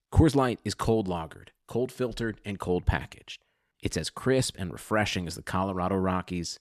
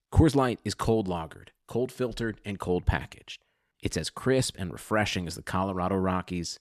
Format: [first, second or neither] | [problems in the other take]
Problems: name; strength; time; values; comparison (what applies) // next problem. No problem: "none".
neither | none